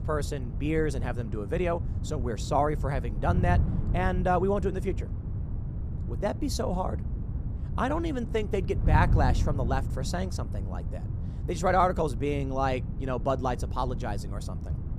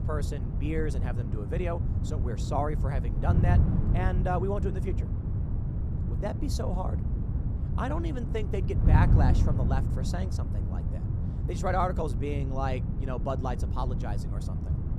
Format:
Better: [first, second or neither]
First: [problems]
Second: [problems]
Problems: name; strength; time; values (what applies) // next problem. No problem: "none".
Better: first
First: wind noise on the microphone; occasional gusts; 15 dB below the speech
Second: wind noise on the microphone; heavy; 7 dB below the speech